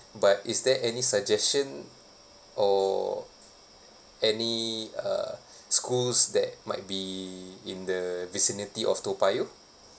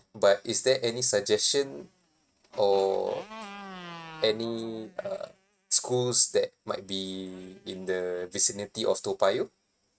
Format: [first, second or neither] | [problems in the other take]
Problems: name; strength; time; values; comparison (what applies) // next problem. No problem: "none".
first | noise reduction (neural mask model RNNoise)